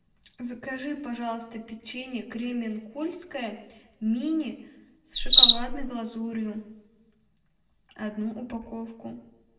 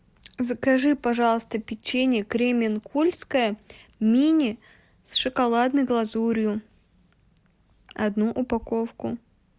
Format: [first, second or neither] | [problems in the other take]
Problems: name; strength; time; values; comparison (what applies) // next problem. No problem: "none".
second | background sound (Cricket); 5 dB above the speech // room echo; dies away in 0.7 s